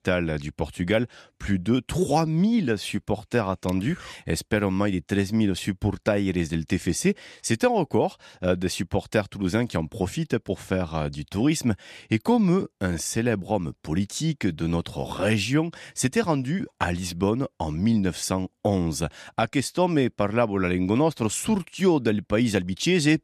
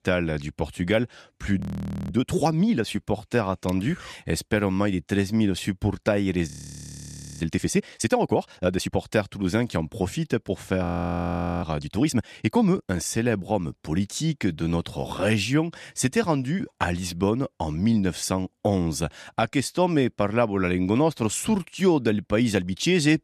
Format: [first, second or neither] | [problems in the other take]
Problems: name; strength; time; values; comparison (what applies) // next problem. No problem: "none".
first | audio freezing; at 1.5 s for 0.5 s, at 6.5 s for 1 s and at 11 s for 1 s